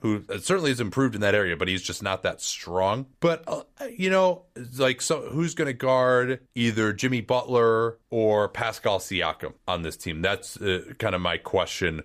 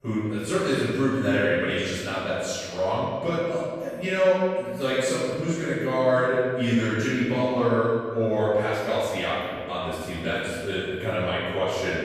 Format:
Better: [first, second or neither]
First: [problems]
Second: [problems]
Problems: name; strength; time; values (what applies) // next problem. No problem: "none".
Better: first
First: none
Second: off-mic speech; far // room echo; strong; dies away in 1.8 s